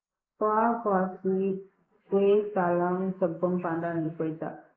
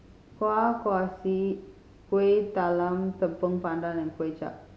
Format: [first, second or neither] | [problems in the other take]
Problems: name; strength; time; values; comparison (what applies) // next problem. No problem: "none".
second | noise reduction (neural mask model Resemble Enhance denoiser)